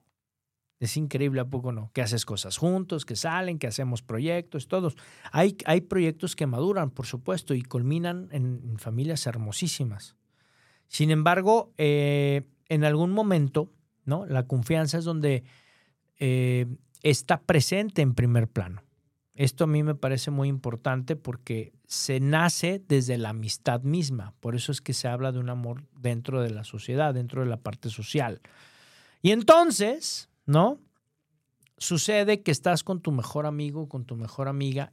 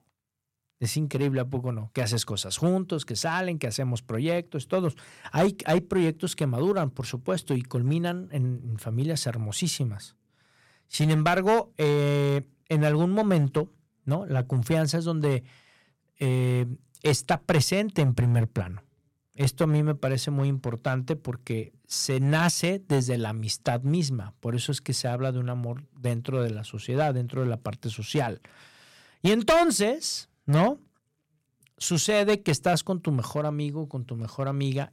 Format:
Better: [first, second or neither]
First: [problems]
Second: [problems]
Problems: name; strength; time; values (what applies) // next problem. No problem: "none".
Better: first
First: none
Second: distortion; slight; 3% of the sound clipped